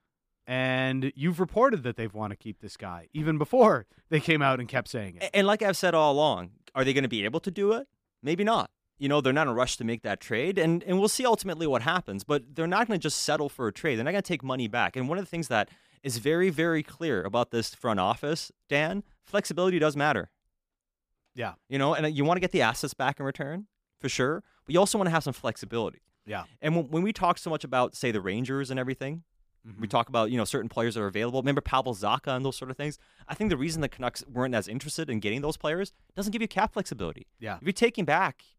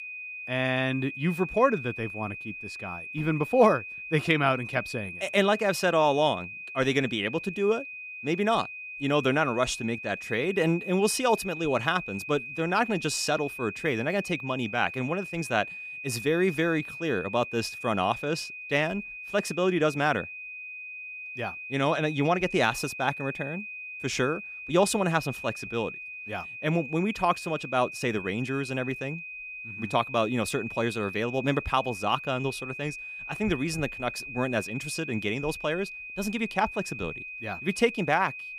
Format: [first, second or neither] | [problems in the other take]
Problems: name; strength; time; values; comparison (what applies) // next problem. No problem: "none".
first | high-pitched whine; loud; throughout; 2.5 kHz, 9 dB below the speech